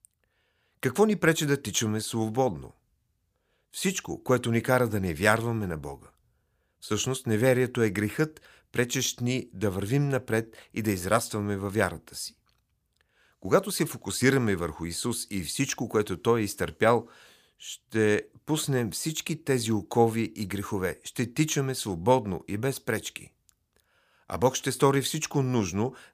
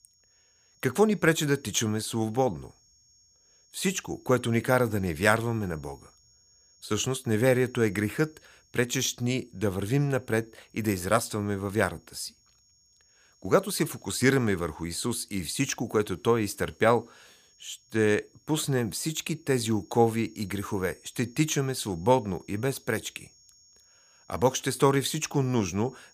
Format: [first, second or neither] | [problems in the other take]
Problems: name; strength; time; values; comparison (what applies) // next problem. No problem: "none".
first | high-pitched whine; faint; throughout; 6.5 kHz, 30 dB below the speech